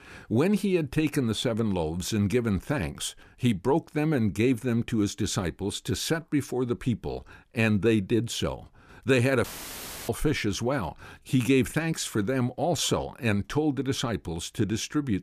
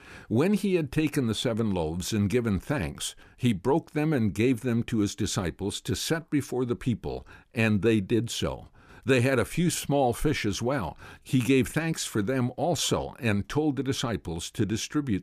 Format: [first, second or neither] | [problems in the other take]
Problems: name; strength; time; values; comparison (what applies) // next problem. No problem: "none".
second | audio cutting out; filled with static; at 9.5 s for 0.5 s